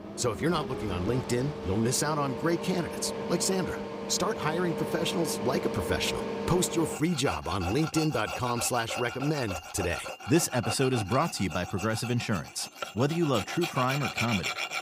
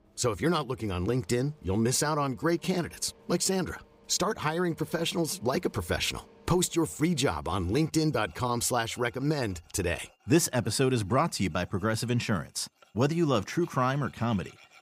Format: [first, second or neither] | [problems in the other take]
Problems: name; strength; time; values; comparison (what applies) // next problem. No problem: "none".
second | machinery noise; loud; throughout; 6 dB below the speech; faint in the second